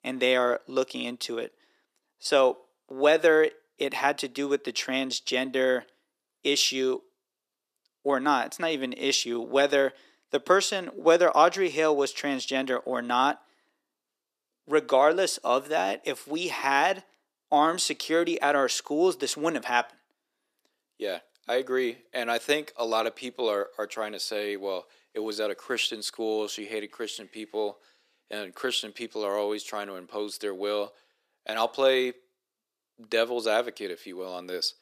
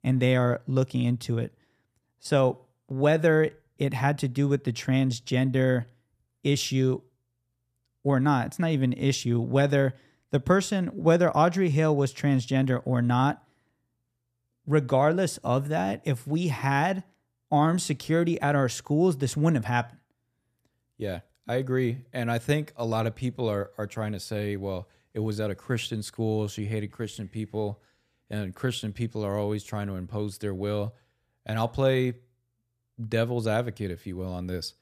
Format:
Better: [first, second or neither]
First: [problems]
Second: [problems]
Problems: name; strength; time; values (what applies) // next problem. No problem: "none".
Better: second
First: thin; somewhat; fading below 350 Hz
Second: none